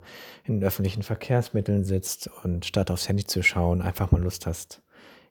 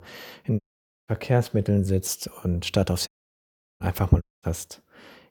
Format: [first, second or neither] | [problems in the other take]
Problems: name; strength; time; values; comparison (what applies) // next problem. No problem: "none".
first | audio cutting out; at 0.5 s, at 3 s for 0.5 s and at 4 s